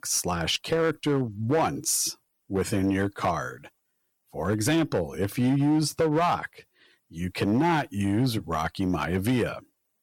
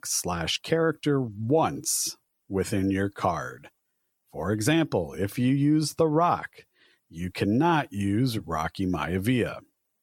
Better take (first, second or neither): second